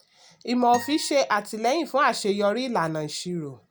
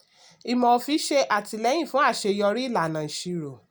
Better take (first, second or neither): second